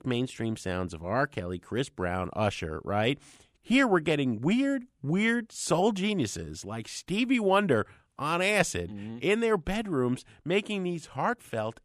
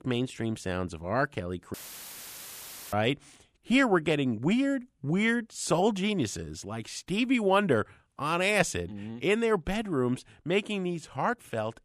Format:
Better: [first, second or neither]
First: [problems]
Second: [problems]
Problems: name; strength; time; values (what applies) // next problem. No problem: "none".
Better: first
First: none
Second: audio cutting out; filled with static; at 1.5 s for 1 s